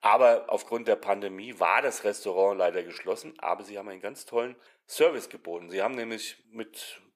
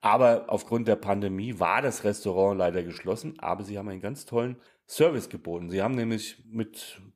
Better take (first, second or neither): second